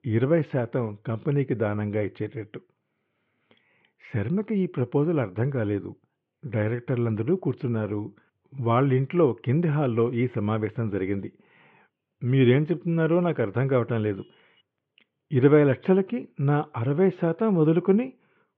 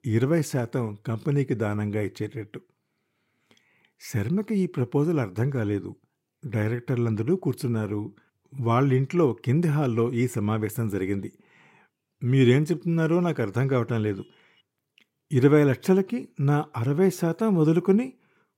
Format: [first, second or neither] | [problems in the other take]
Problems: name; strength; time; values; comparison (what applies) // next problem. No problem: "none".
second | muffled; very; fading above 3 kHz